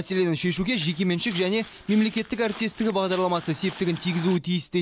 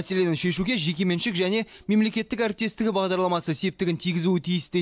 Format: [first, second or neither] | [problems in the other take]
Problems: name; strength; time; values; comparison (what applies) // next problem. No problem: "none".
second | background sound (Walk, footsteps); 19 dB below the speech